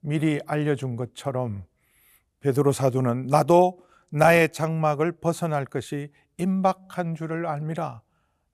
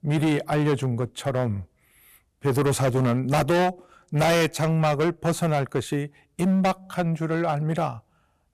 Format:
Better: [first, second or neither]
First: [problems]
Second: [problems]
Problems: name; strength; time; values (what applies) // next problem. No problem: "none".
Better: first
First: none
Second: distortion; heavy; 12% of the sound clipped